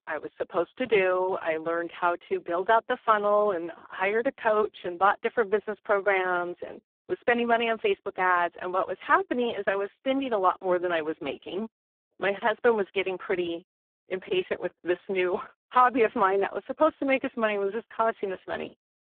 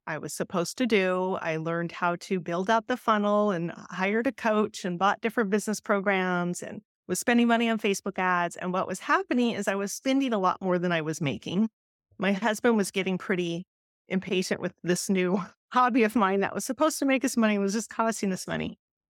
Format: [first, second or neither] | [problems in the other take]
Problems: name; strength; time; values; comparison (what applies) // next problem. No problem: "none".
second | phone-call audio; poor line